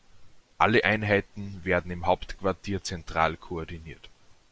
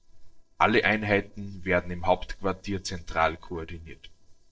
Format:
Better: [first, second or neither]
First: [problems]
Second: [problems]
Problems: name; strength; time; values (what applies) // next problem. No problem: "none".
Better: first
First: none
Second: noise reduction (neural separator model SepFormer DNS4)